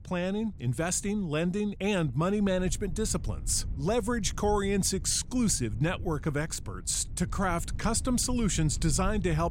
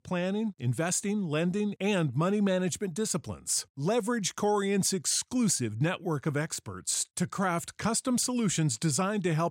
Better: second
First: wind noise on the microphone; occasional gusts; 25 dB below the speech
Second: none

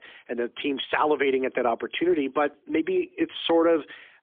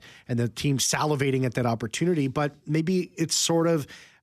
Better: second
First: phone-call audio; poor line; nothing above 3.5 kHz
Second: none

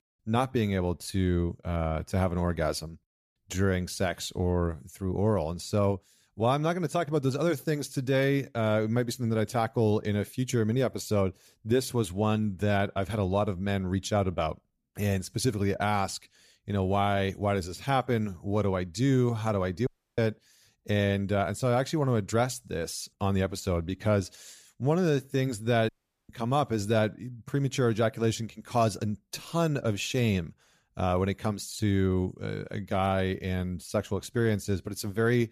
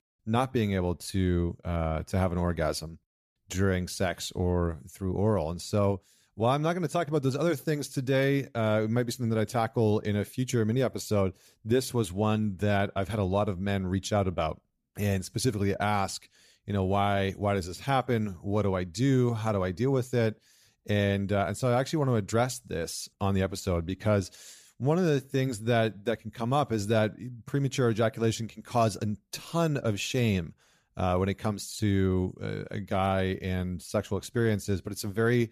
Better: second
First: audio cutting out; at 20 s and at 26 s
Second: none

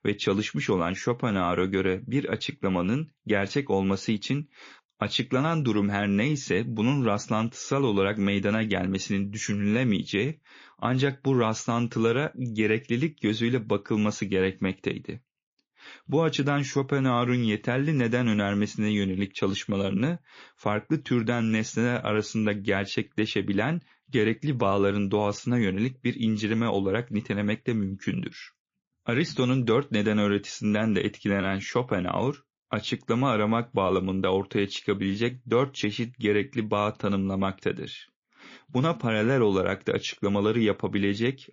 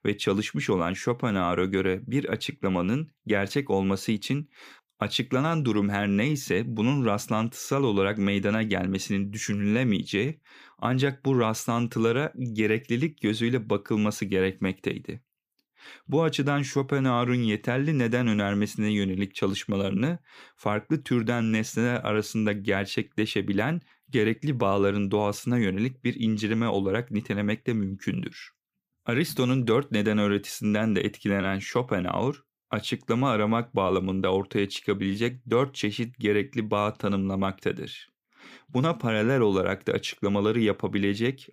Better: second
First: garbled, watery; slightly; nothing above 6 kHz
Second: none

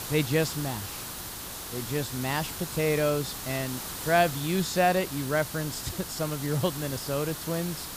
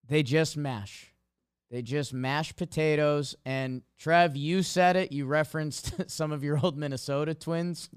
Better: second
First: hiss; loud; throughout; 7 dB below the speech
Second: none

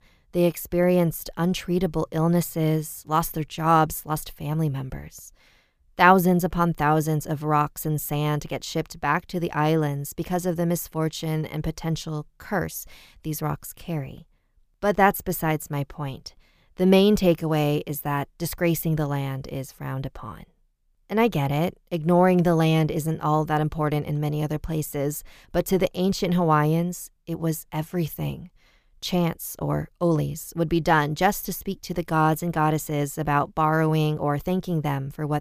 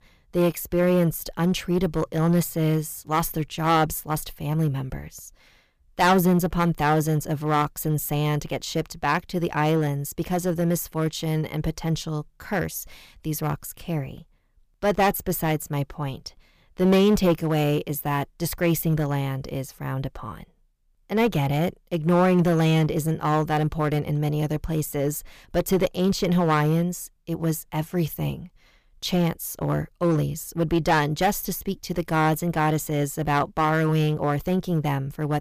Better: first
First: none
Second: distortion; slight; 4% of the sound clipped

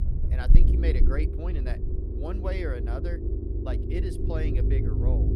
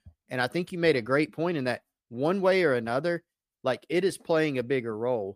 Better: second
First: low rumble; loud; throughout; 2 dB below the speech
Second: none

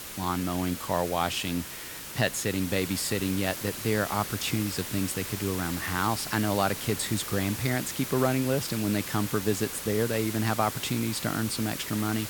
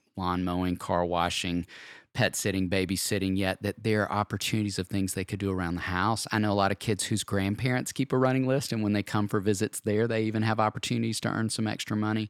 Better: second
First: hiss; loud; throughout; 6 dB below the speech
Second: none

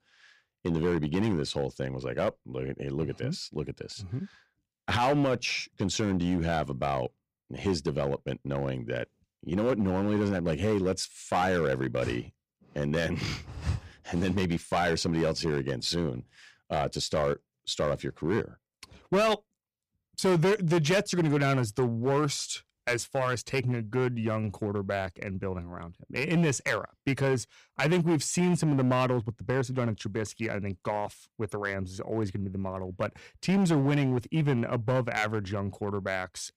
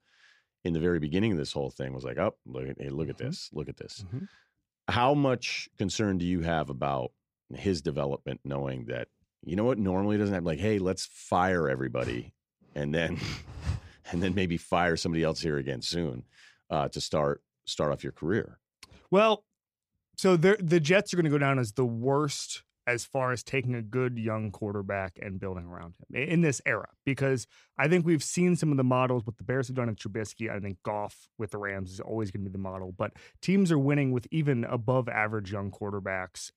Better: second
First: distortion; slight; 6% of the sound clipped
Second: none

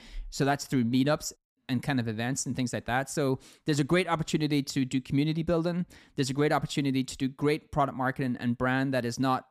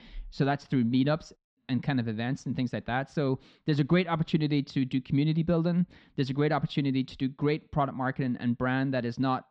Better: first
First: none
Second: muffled; very slightly; fading above 4 kHz

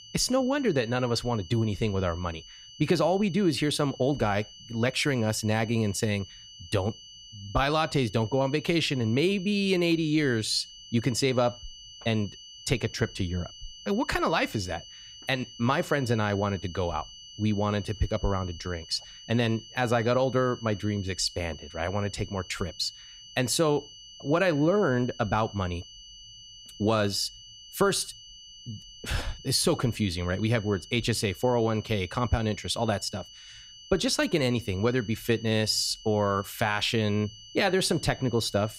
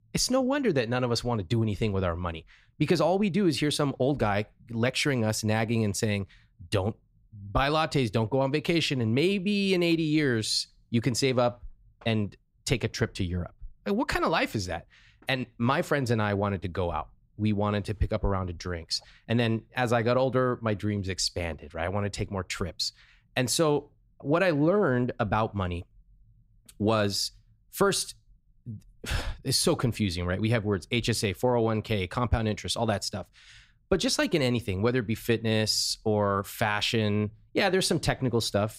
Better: second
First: high-pitched whine; noticeable; throughout; 3 kHz, 20 dB below the speech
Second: none

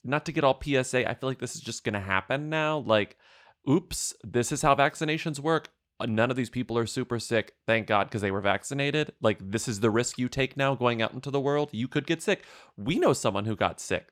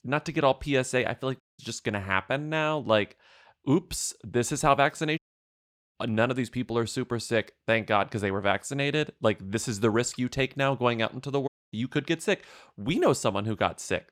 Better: first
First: none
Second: audio cutting out; at 1.5 s, at 5 s for 1 s and at 11 s

